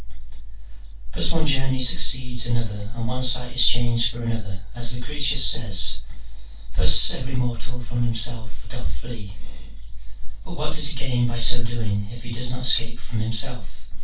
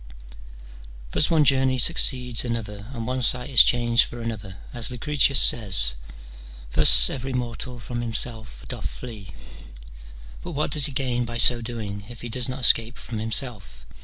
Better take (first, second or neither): second